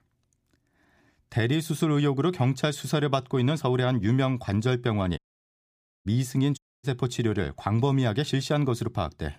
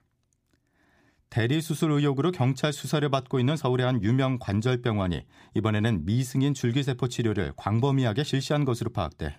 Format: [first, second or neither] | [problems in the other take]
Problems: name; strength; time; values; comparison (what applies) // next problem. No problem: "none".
second | audio cutting out; at 5 s for 1 s and at 6.5 s